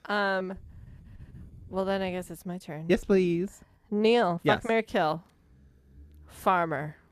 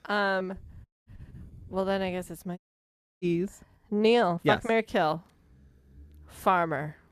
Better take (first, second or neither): first